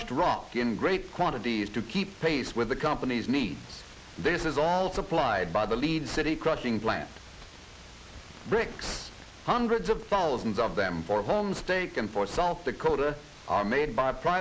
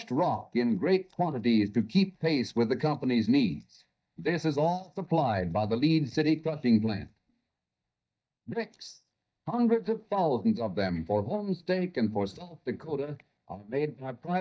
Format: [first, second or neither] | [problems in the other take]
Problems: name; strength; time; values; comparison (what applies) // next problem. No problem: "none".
first | noise reduction (neural mask model DeepFilterNet 3)